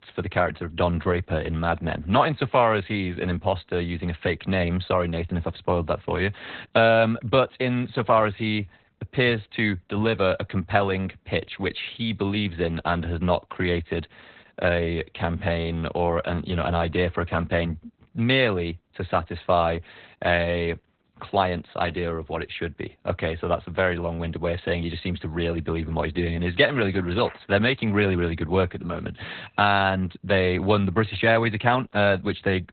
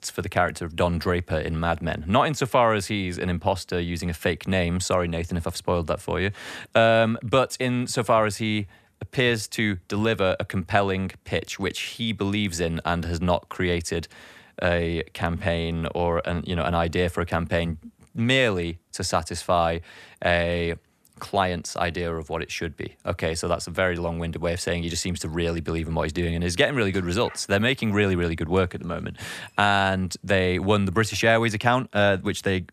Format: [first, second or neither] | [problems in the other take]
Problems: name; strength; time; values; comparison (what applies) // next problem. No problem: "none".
second | garbled, watery; badly; nothing above 4 kHz